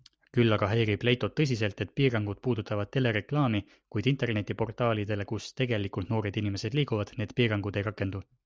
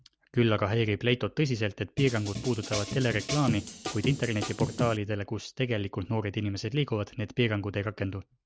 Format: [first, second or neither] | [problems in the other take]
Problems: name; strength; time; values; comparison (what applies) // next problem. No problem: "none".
first | background sound (Drum kit); 5 dB below the speech